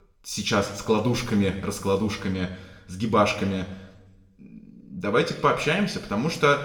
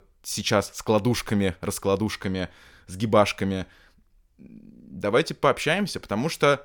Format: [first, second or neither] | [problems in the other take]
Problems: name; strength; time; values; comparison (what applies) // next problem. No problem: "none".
second | room echo; slight; dies away in 1 s // off-mic speech; somewhat distant